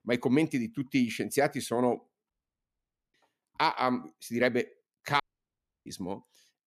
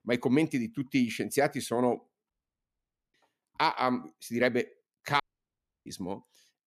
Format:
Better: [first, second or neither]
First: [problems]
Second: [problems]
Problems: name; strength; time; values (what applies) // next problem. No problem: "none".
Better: neither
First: audio cutting out; at 2.5 s for 1 s and at 5 s for 0.5 s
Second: audio cutting out; at 2.5 s for 1 s and at 5 s for 0.5 s